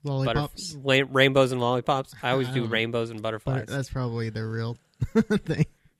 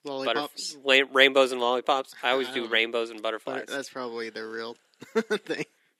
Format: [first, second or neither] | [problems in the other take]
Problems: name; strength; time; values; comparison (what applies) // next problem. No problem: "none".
first | thin; somewhat; fading below 300 Hz